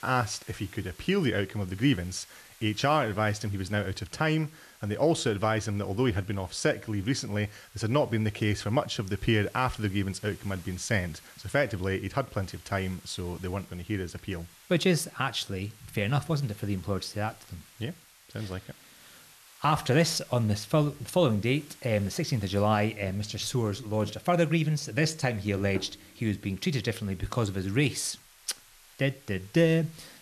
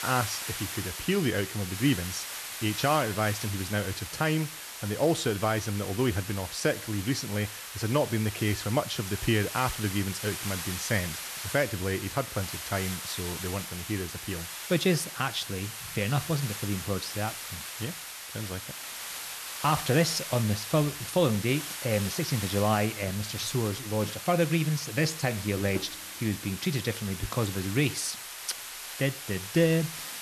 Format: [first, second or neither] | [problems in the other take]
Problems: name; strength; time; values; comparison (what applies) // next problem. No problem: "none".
first | hiss; loud; throughout; 7 dB below the speech; faint in the first